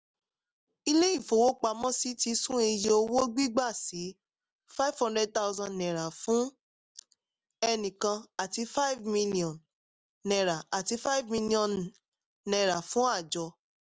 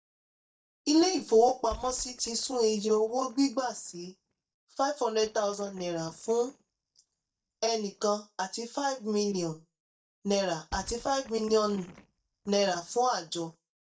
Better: first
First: none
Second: noise reduction (neural mask model DeepFilterNet 3)

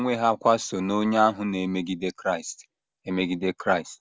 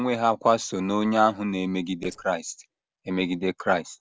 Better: first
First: none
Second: noise reduction (neural separator model SepFormer DNS4)

